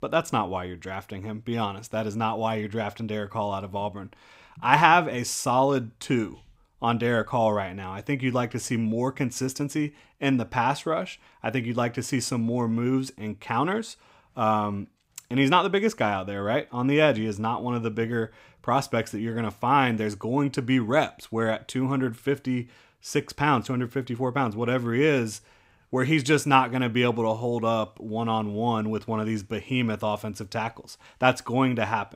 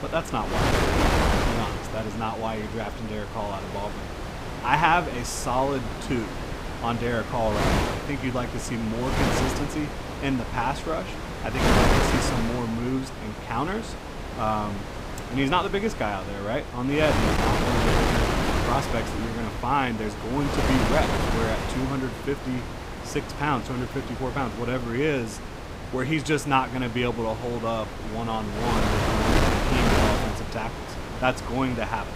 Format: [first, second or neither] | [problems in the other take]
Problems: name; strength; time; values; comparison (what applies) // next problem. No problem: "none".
first | wind noise on the microphone; heavy; 1 dB below the speech